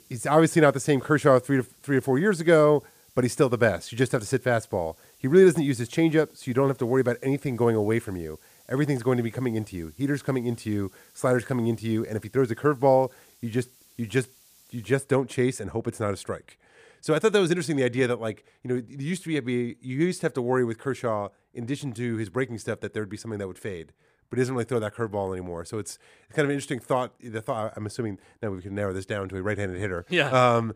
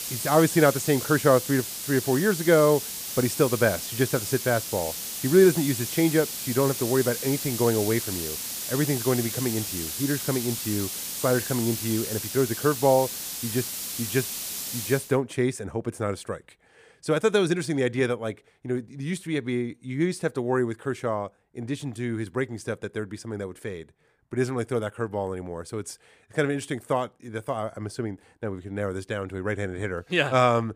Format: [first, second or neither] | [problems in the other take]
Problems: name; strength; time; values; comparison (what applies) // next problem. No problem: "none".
first | hiss; loud; until 15 s; 5 dB below the speech; faint in the first